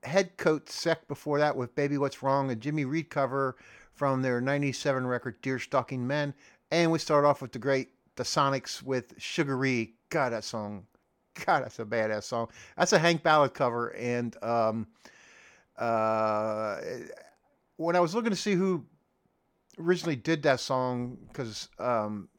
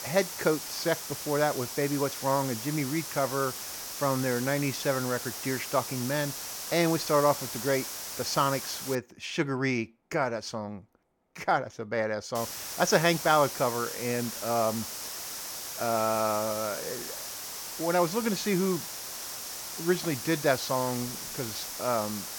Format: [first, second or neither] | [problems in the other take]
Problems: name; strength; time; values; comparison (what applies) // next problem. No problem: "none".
first | hiss; loud; until 9 s and from 12 s on; 6 dB below the speech